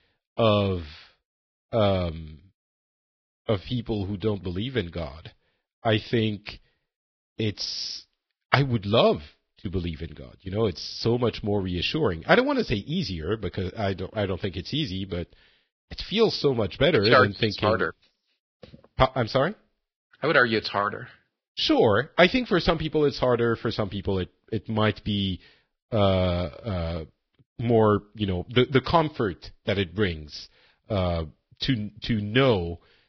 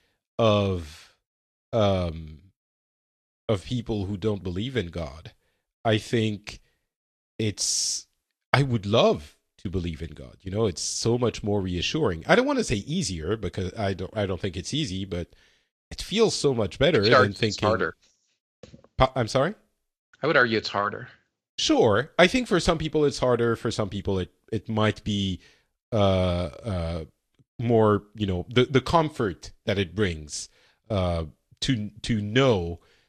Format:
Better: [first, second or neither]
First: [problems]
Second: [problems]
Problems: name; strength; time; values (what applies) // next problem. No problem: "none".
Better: second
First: garbled, watery; badly; nothing above 5.5 kHz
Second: garbled, watery; slightly; nothing above 13 kHz